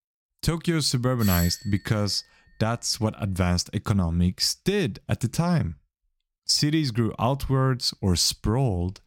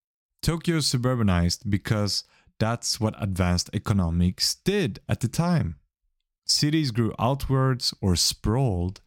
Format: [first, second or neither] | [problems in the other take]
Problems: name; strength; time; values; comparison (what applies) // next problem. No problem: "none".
second | doorbell; noticeable; at 1 s; peak 5 dB below the speech